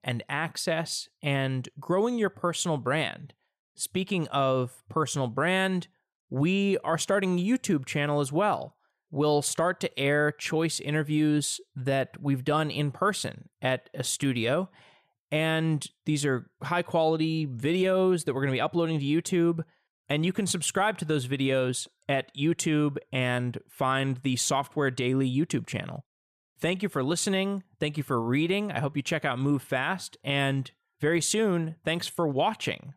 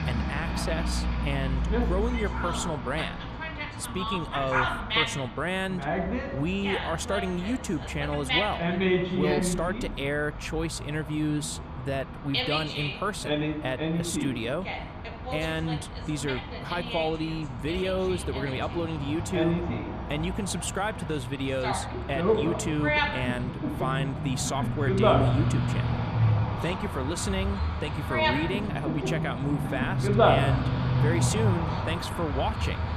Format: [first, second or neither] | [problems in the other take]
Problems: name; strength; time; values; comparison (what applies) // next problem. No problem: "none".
first | animal sounds; very loud; throughout; 2 dB above the speech